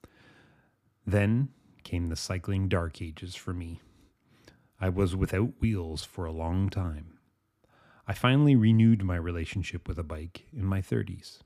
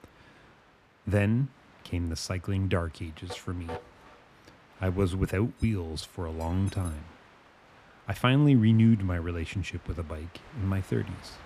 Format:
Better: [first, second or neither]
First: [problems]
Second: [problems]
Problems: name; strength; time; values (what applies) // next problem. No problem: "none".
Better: first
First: none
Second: train or aircraft noise; faint; throughout; 25 dB below the speech